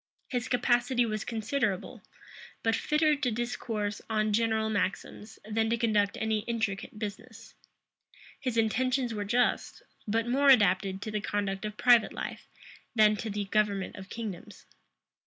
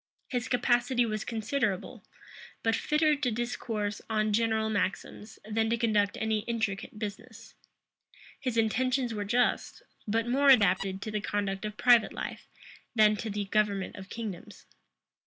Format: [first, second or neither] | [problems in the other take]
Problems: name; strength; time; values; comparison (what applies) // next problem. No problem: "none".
first | noise reduction (neural separator model SepFormer DNS4)